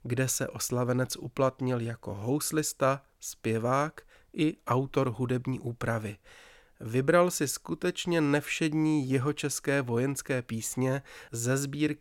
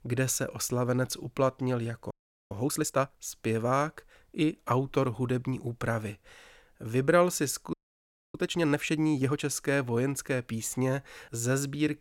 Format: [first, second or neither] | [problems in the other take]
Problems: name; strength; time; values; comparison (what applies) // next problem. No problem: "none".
first | audio freezing; at 2 s and at 7.5 s for 0.5 s